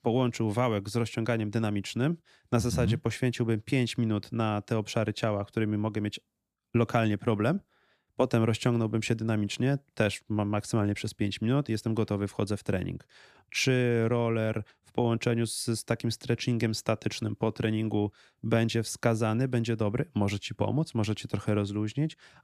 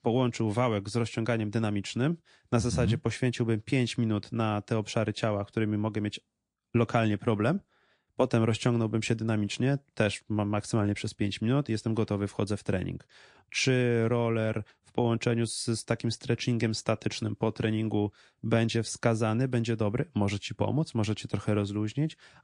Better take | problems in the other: first | garbled, watery; slightly; nothing above 10 kHz

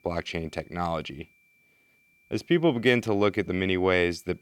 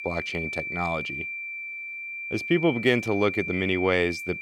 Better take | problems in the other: first | high-pitched whine; loud; throughout; 2.5 kHz, 6 dB below the speech; faint in the first

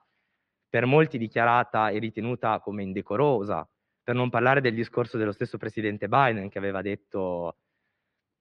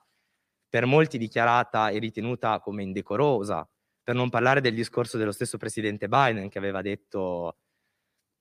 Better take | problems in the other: second | muffled; slightly; fading above 3 kHz

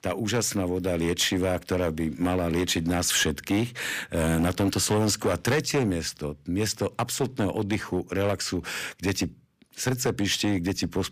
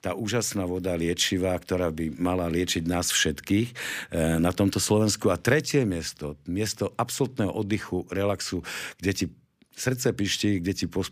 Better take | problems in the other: second | distortion; slight; 7% of the sound clipped

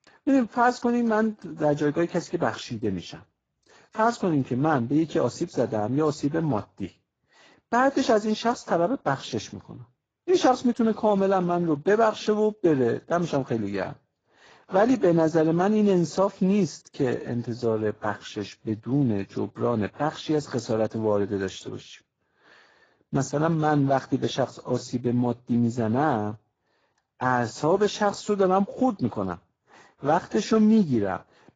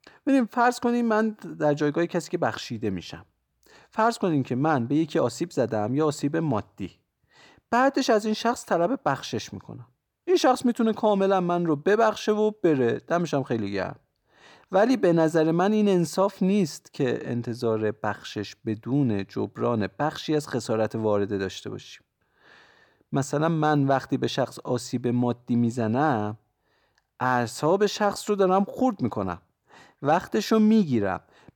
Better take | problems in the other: second | garbled, watery; badly; nothing above 7.5 kHz

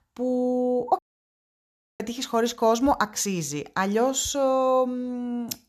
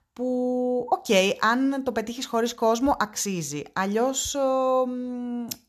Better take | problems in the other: second | audio cutting out; at 1 s for 1 s

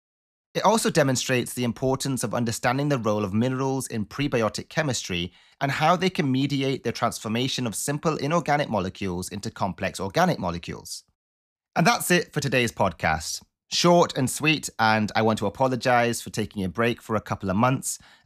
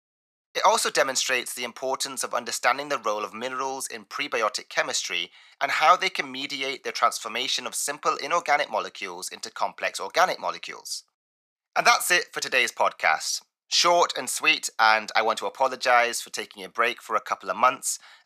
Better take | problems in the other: first | thin; very; fading below 650 Hz

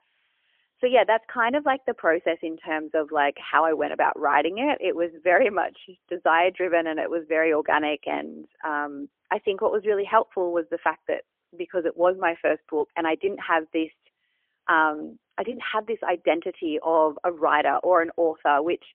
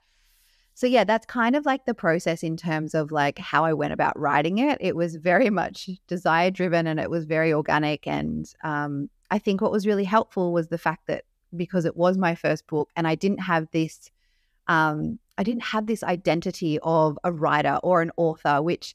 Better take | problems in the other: second | phone-call audio; poor line; nothing above 3 kHz

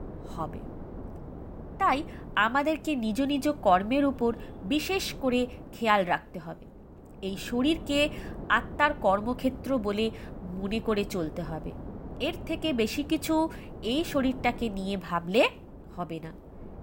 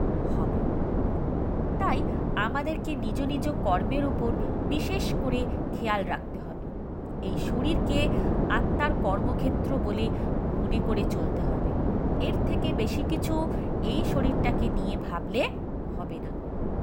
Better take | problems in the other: first | wind noise on the microphone; heavy; 1 dB below the speech; occasional gusts in the first

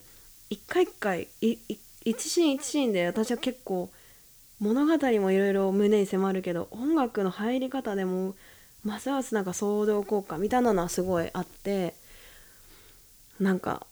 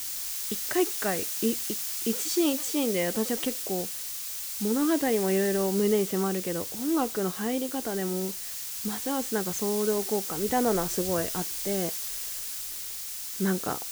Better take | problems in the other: first | hiss; loud; throughout; 2 dB below the speech; faint in the first

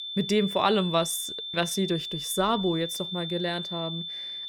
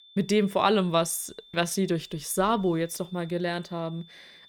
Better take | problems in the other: second | high-pitched whine; loud; throughout; 3.5 kHz, 5 dB below the speech; faint in the second

